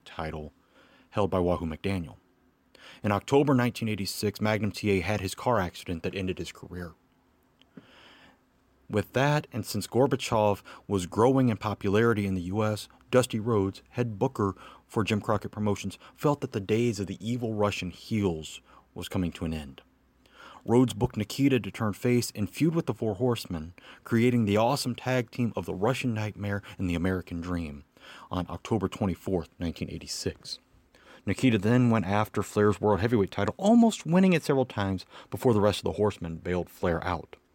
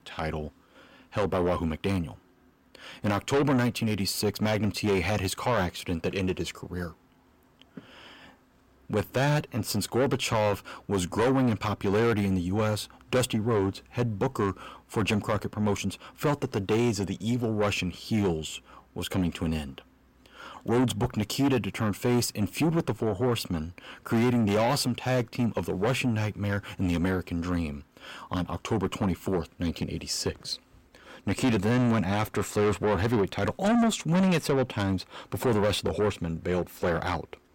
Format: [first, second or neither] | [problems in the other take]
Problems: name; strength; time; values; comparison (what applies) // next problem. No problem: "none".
first | distortion; heavy; 7 dB below the speech